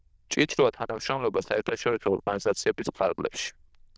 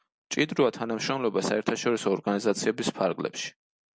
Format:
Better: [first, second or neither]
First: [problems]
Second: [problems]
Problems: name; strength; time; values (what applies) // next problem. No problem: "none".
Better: second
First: noise reduction (neural diffusion model UNIVERSE++)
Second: none